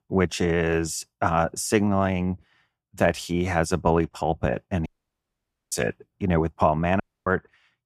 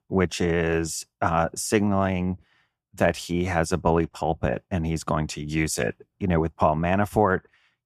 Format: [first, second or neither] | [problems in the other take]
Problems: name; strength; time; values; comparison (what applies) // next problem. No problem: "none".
second | audio cutting out; at 5 s for 1 s and at 7 s